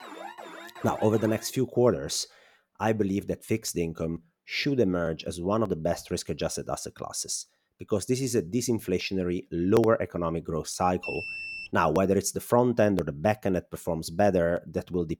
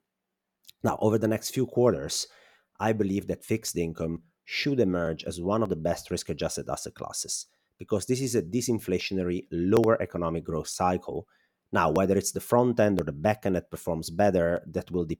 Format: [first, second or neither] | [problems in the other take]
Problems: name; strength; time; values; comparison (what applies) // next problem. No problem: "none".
second | alarm; faint; until 1.5 s; peak 15 dB below the speech // alarm; noticeable; at 11 s; peak 6 dB below the speech